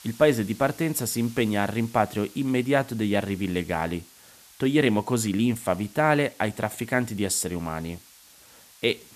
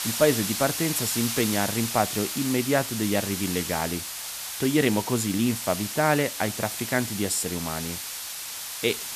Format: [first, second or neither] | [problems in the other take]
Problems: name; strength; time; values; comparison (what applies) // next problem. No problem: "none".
first | hiss; loud; throughout; 4 dB below the speech; faint in the first